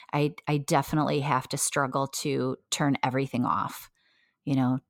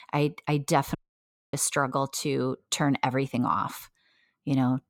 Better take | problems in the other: first | audio cutting out; at 1 s for 0.5 s

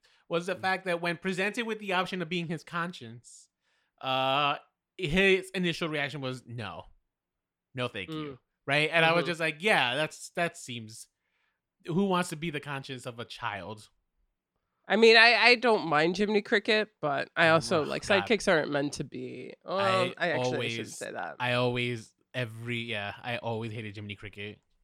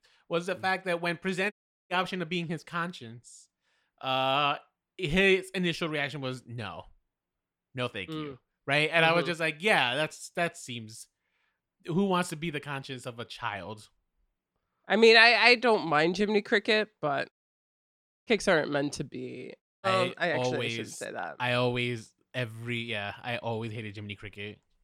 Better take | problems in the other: first | audio cutting out; at 1.5 s, at 17 s for 1 s and at 20 s

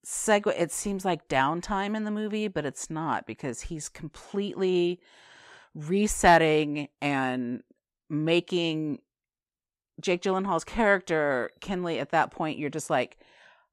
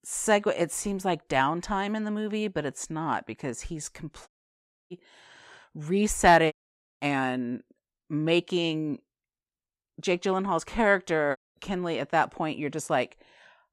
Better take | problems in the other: first | audio cutting out; at 4.5 s for 0.5 s, at 6.5 s and at 11 s

